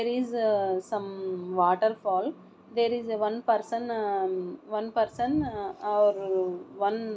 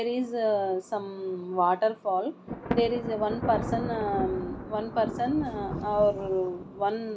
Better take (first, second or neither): first